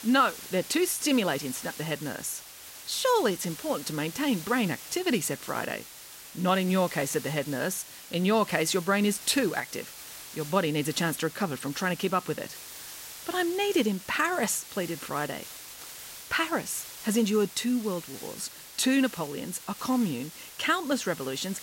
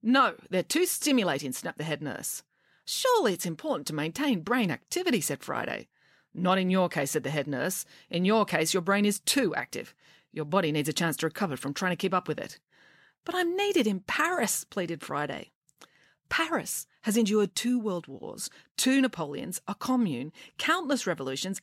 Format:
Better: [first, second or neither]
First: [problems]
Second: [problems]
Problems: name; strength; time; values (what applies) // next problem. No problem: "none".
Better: second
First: hiss; noticeable; throughout; 15 dB below the speech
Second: none